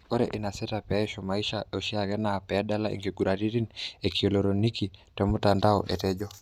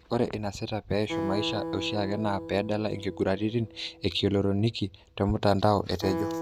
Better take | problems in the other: first | background sound (Acoustic guitar); 9 dB below the speech

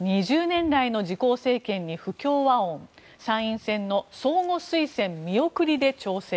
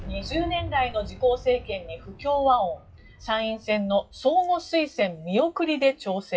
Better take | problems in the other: first | noise reduction (classical method WPE with log-MMSE)

